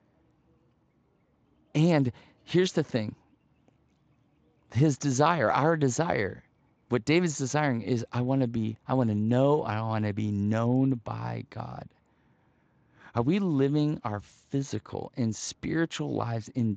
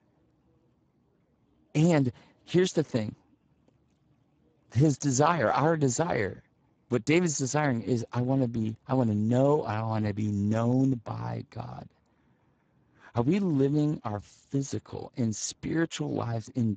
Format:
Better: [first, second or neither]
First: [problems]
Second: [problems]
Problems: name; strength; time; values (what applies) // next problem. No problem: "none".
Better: first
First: garbled, watery; slightly; nothing above 7.5 kHz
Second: garbled, watery; badly; nothing above 7.5 kHz